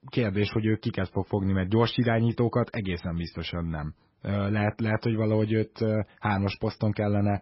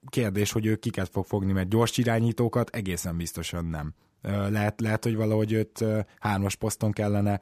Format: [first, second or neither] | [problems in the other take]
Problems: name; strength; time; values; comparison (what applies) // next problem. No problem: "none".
second | garbled, watery; badly; nothing above 5.5 kHz